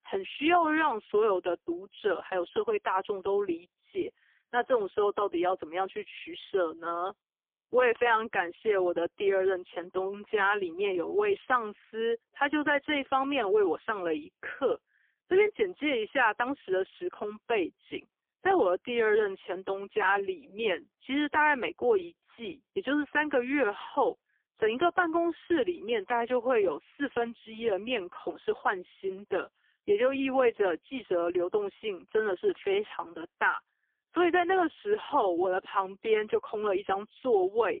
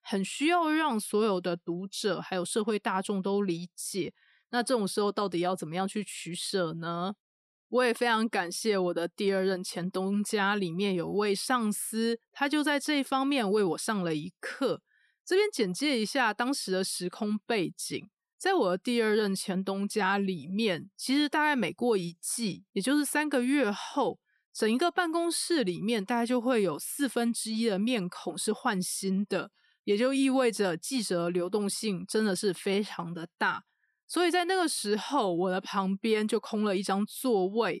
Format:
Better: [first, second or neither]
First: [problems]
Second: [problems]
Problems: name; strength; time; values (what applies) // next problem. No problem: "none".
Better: second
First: phone-call audio; poor line; nothing above 3.5 kHz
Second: none